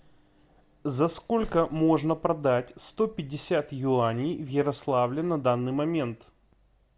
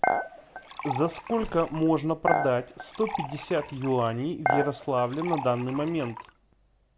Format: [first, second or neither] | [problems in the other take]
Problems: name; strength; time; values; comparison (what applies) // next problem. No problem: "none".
first | background sound (Dishes, pots, and pans / Chink, clink); 4 dB below the speech